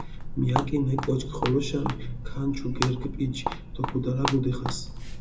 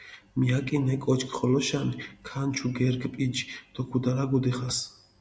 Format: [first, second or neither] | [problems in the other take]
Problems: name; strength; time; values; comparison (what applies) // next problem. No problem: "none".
second | background sound (Walk, footsteps); 3 dB below the speech // room echo; dies away in 0.2 s